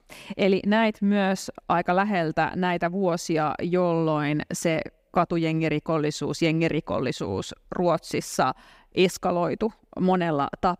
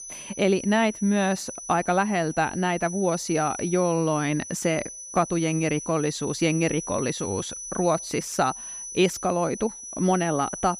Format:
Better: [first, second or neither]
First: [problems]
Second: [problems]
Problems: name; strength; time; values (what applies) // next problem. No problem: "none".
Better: first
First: none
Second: high-pitched whine; loud; throughout; 6 kHz, 10 dB below the speech